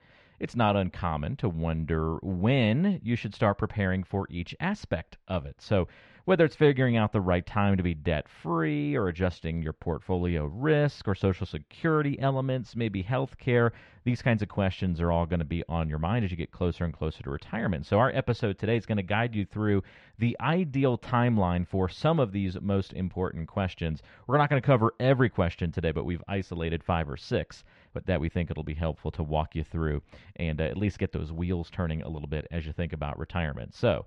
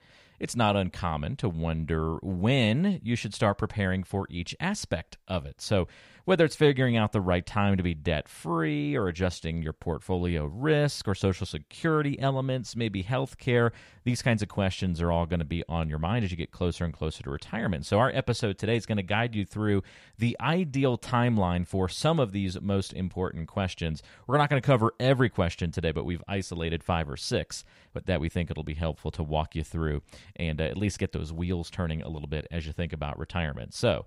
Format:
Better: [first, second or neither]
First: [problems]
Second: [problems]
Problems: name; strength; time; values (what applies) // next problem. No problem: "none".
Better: second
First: muffled; slightly; fading above 3 kHz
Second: none